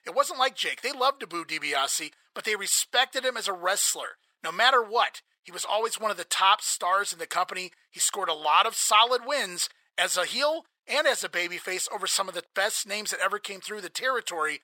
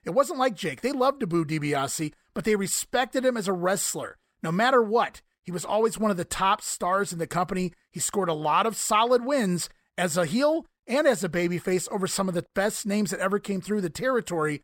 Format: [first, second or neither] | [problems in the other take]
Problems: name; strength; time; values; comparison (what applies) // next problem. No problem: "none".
second | thin; very; fading below 750 Hz